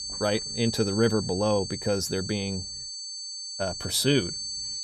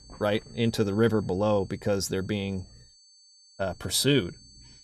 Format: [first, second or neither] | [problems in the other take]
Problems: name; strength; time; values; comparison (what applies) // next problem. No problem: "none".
second | high-pitched whine; loud; throughout; 4.5 kHz, 6 dB below the speech; faint in the second